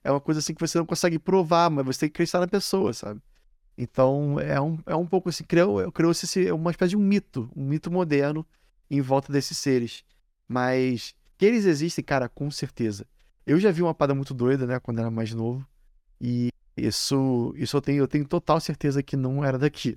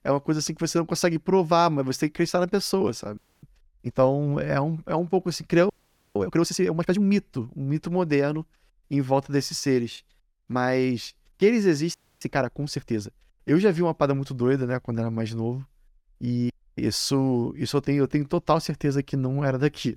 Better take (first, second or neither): first